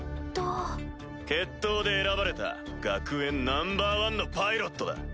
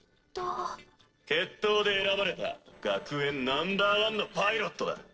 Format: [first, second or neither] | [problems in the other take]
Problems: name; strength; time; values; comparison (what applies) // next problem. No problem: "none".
first | noise reduction (neural separator model SepFormer DNS4)